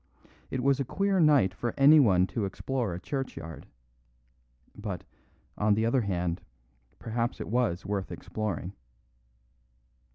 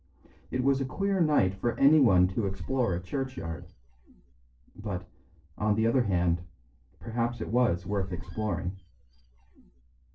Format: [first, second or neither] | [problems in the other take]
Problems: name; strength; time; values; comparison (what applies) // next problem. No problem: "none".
first | noise reduction (neural separator model SepFormer DNS4)